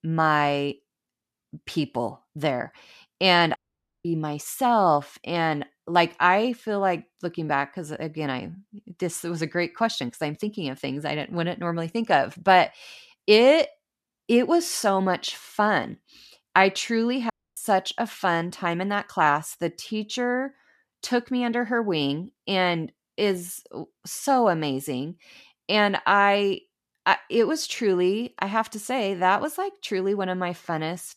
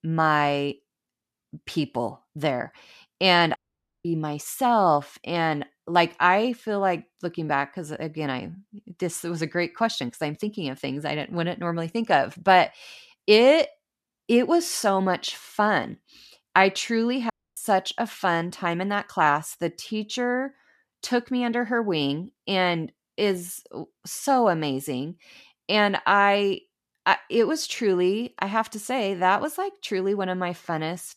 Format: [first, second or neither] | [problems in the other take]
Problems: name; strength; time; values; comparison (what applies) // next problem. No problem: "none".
neither | audio cutting out; at 3.5 s and at 17 s; the same in both